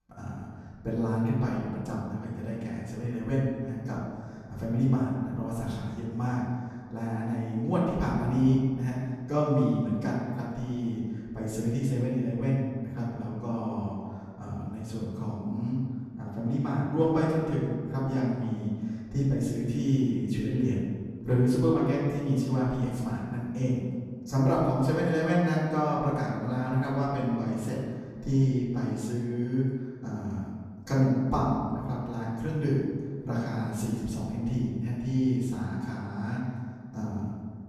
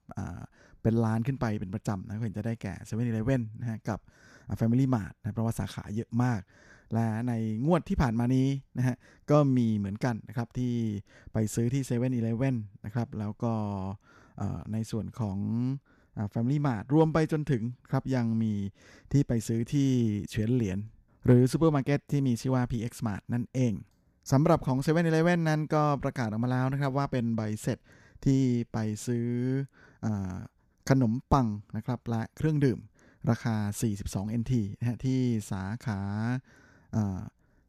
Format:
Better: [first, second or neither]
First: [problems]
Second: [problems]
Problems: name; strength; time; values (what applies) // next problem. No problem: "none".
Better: second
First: off-mic speech; far // room echo; noticeable; dies away in 1.6 s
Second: none